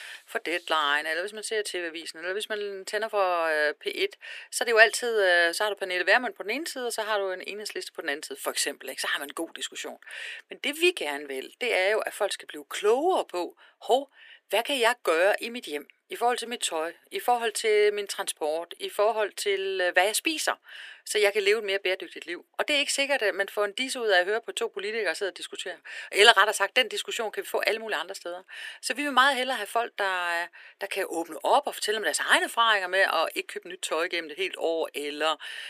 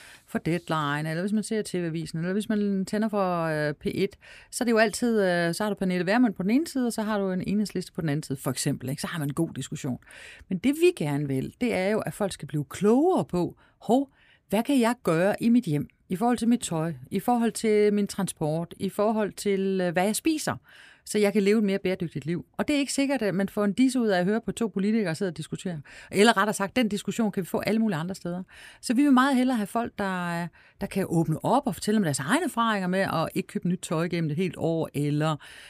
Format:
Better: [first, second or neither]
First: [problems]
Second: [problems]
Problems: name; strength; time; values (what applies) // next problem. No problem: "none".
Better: second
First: thin; very; fading below 400 Hz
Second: none